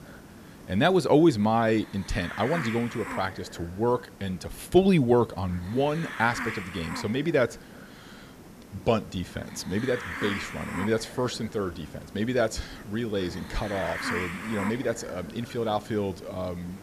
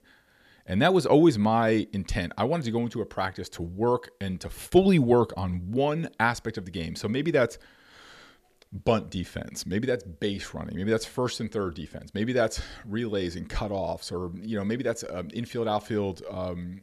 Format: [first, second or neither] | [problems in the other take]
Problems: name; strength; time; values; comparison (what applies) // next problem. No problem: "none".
second | hiss; noticeable; throughout; 10 dB below the speech